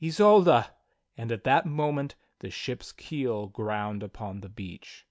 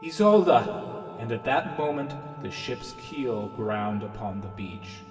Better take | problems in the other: first | background sound (Wind instrument, woodwind instrument); 20 dB below the speech // room echo; dies away in 2.5 s

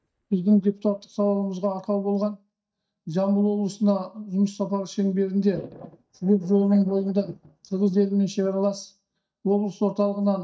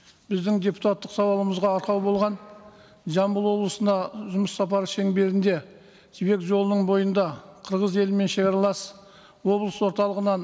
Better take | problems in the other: second | noise reduction (neural mask model DeepFilterNet 3)

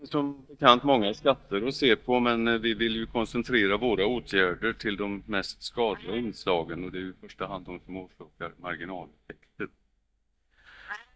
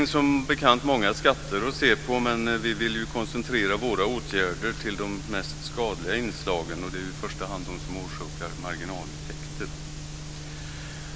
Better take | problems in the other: second | noise reduction (neural mask model DeepFilterNet 3)

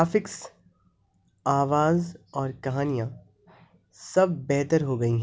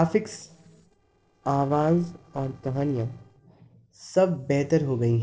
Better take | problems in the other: first | noise reduction (neural separator model SepFormer DNS4)

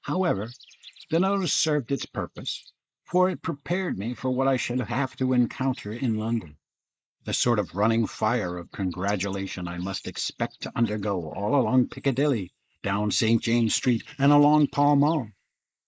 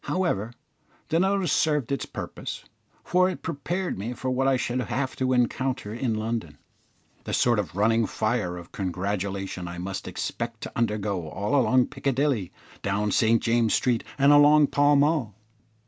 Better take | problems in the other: second | noise reduction (neural mask model Resemble Enhance denoiser)

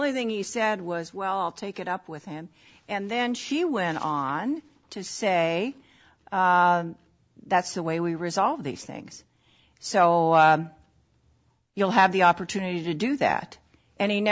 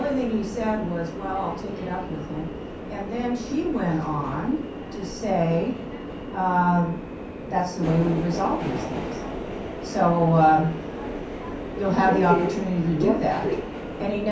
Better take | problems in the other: first | background sound (Subway, metro, underground); 6 dB below the speech // room echo; dies away in 0.6 s

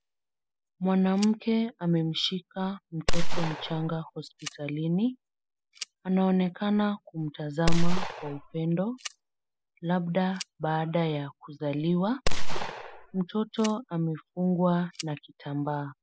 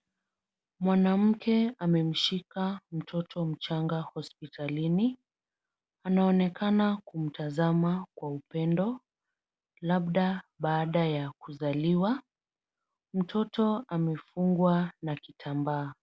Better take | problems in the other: second | noise reduction (classical method spectral subtraction)

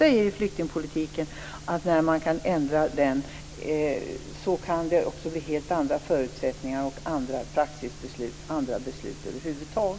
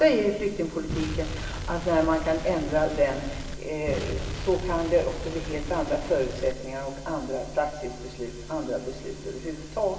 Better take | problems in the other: first | background sound (Explosion); 7 dB below the speech // room echo; dies away in 1.3 s

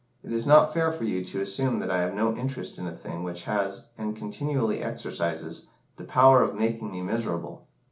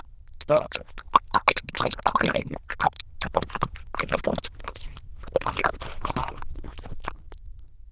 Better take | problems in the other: first | noise reduction (neural diffusion model UNIVERSE++)

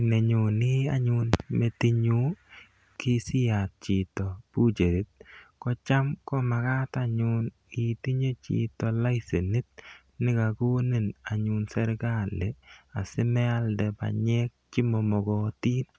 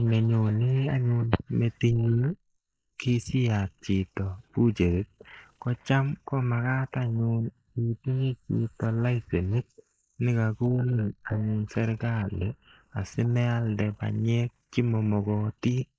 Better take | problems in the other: first | noise reduction (neural mask model Resemble Enhance denoiser)

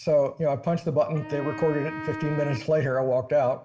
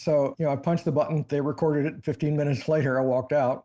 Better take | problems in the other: second | background sound (Wind instrument, woodwind instrument); 13 dB below the speech // room echo; dies away in 0.9 s

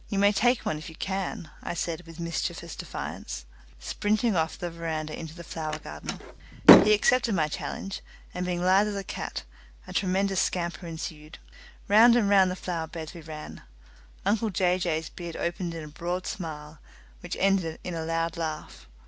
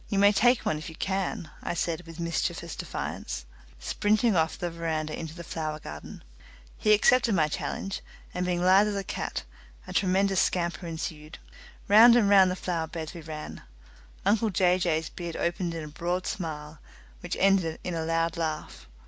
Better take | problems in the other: second | background sound (Slam); 4 dB above the speech

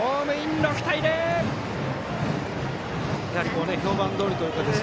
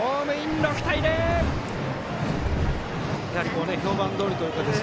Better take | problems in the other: first | background sound (Livestock, farm animals, working animals); 5 dB below the speech

